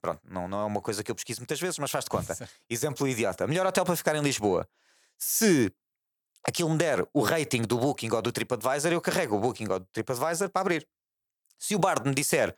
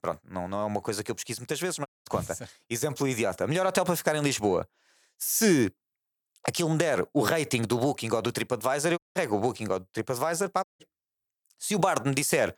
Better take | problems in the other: first | audio cutting out; at 2 s, at 9 s and at 11 s

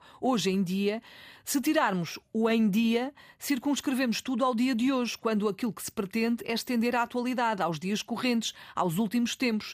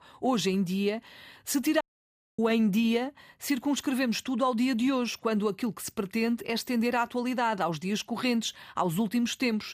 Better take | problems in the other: first | audio cutting out; at 2 s for 0.5 s

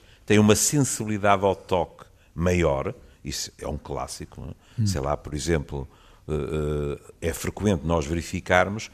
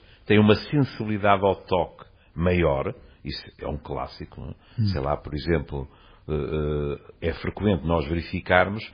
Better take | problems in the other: first | garbled, watery; badly; nothing above 5 kHz

